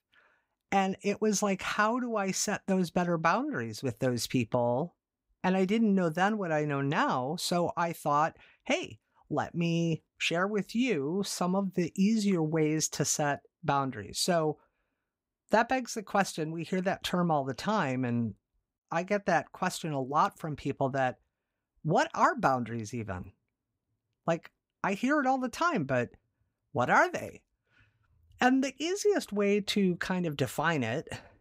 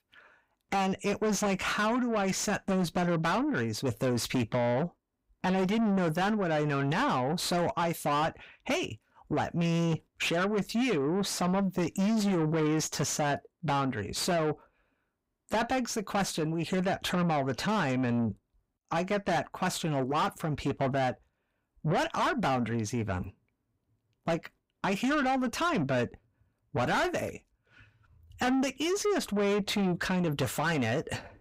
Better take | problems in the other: first | distortion; heavy; 7 dB below the speech

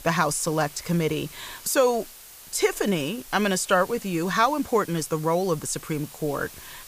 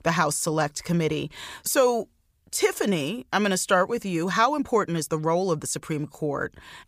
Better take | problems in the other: second | hiss; noticeable; throughout; 15 dB below the speech

